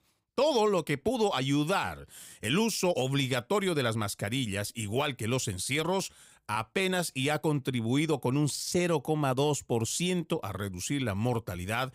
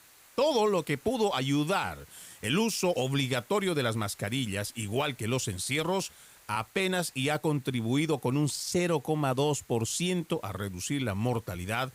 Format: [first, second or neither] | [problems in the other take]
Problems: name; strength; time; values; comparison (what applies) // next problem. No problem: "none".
first | hiss; faint; throughout; 25 dB below the speech